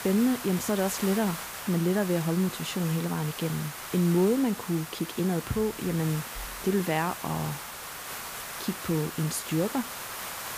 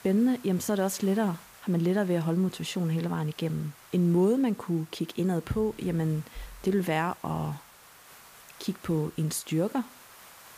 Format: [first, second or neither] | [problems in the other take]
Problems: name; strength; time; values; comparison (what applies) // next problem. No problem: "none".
second | hiss; loud; throughout; 8 dB below the speech; faint in the second